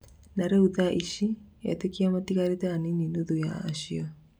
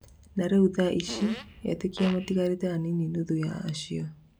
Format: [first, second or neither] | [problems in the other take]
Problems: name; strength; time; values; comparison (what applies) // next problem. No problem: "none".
first | background sound (Fart); 13 dB below the speech